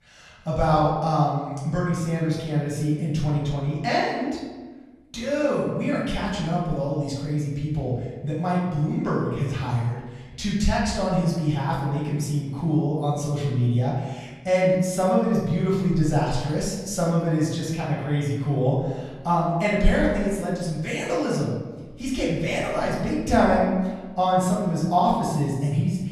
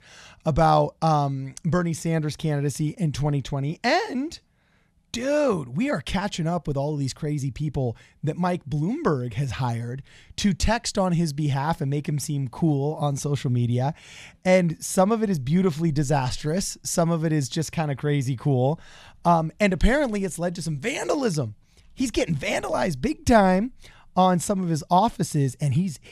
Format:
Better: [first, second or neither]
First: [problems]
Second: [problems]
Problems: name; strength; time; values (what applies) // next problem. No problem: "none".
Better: second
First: room echo; noticeable; dies away in 1.1 s // off-mic speech; far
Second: none